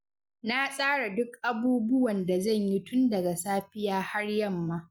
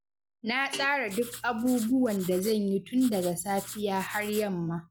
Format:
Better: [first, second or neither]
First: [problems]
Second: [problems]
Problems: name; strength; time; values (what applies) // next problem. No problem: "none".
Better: first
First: none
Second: background sound (Guitar + Writing); 15 dB below the speech